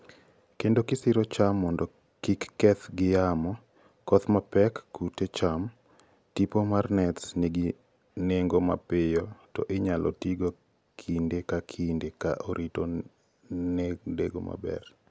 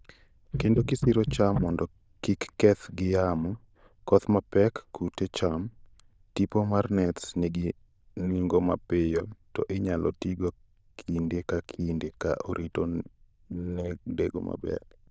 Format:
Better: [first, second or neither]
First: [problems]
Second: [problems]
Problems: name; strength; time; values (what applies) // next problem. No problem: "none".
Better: first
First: none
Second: noise reduction (neural diffusion model UNIVERSE++)